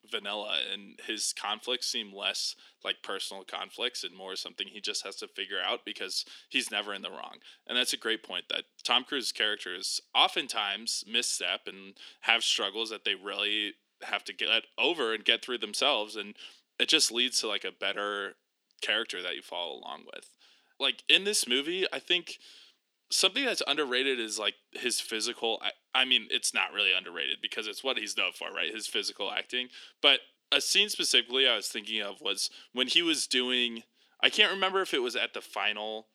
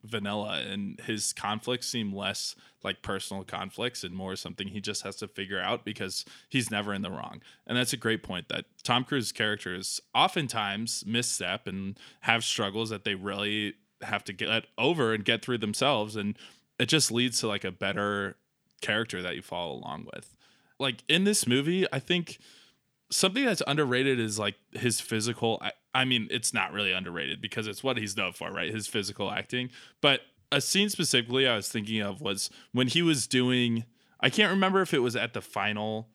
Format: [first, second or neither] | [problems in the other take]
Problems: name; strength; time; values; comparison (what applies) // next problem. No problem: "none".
second | thin; somewhat; fading below 300 Hz